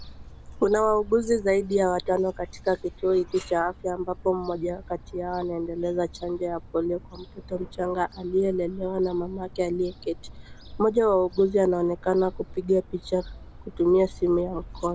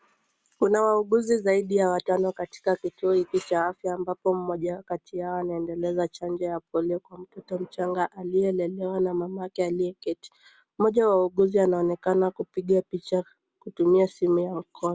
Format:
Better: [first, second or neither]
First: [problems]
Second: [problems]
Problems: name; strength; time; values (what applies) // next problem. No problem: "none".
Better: second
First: background sound (Gull, seagull / Fowl); 17 dB below the speech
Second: none